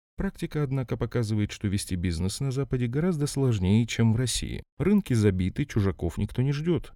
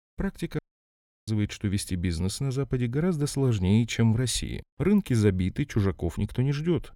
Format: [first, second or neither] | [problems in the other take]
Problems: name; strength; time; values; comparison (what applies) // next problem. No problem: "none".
first | audio cutting out; at 0.5 s for 0.5 s